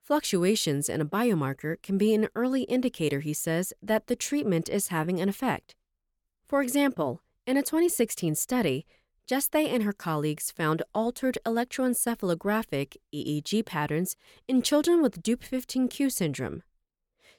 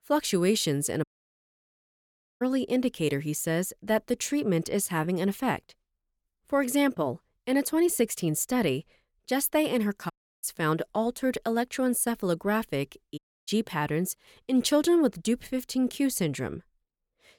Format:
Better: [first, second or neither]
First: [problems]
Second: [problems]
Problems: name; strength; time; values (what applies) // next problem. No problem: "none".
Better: first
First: none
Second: audio cutting out; at 1 s for 1.5 s, at 10 s and at 13 s